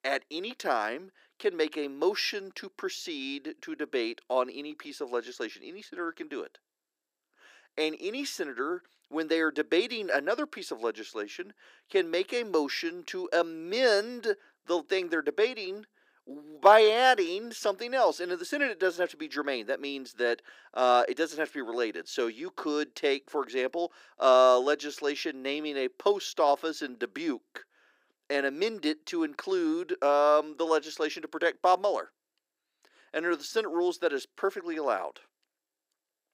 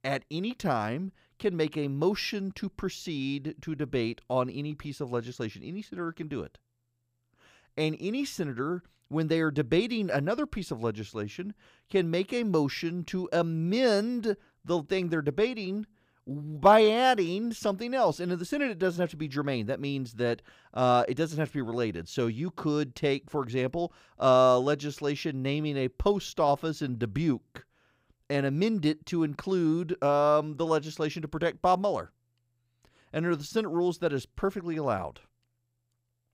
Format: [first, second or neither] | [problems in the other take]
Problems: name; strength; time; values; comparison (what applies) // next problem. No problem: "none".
second | thin; somewhat; fading below 300 Hz